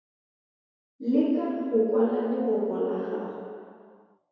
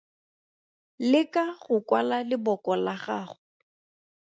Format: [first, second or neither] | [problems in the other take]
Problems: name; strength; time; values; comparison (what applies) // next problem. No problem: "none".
second | room echo; dies away in 2.2 s